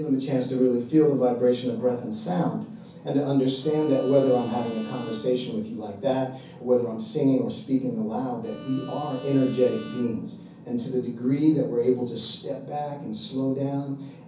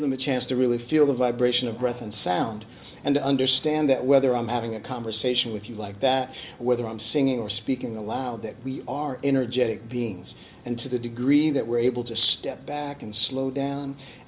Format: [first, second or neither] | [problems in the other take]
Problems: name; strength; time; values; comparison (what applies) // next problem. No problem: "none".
second | background sound (Bowed string instrument); 19 dB below the speech // room echo; dies away in 0.6 s